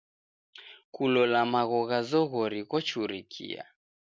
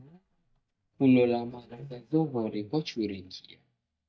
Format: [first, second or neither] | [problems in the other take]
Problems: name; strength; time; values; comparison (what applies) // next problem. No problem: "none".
first | noise reduction (neural mask model DeepFilterNet 3)